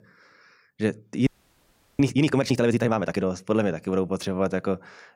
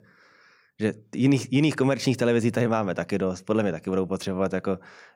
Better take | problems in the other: second | audio freezing; at 1.5 s for 0.5 s

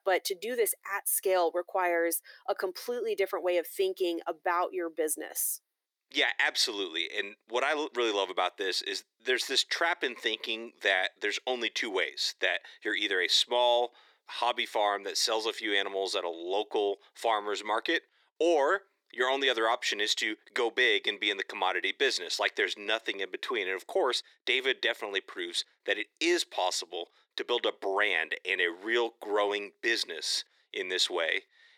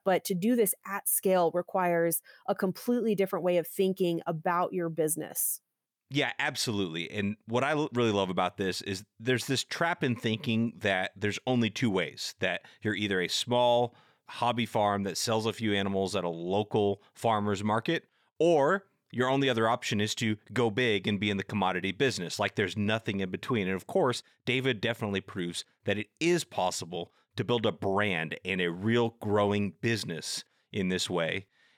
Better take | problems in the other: second | thin; very; fading below 350 Hz

